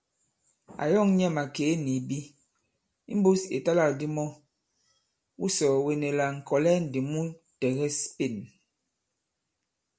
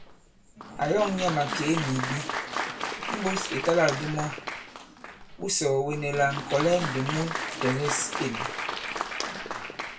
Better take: first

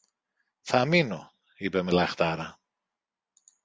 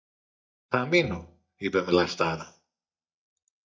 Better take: first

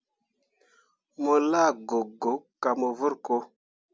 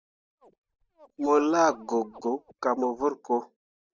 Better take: first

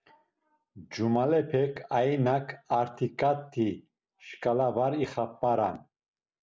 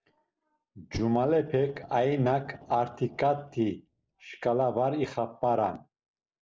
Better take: first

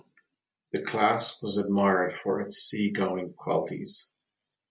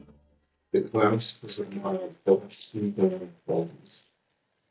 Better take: first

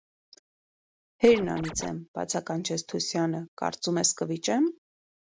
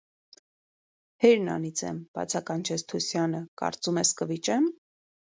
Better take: second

